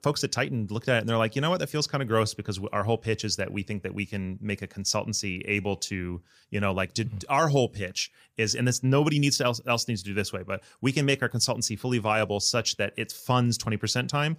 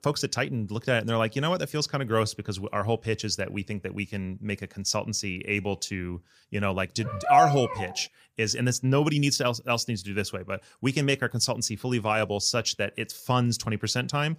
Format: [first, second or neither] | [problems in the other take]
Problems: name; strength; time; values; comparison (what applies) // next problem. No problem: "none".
first | dog barking; loud; at 7 s; peak 6 dB above the speech